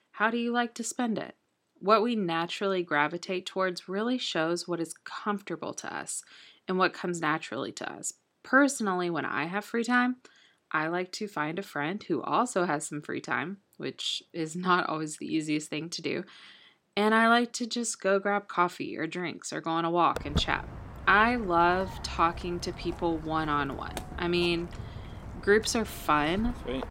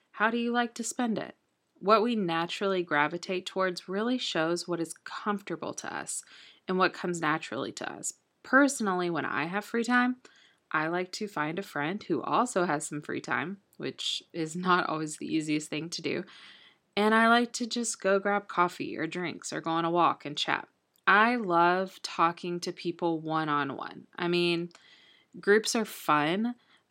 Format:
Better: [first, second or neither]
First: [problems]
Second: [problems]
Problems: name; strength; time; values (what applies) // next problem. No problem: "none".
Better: second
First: footsteps; noticeable; from 20 s on; peak 5 dB below the speech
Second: none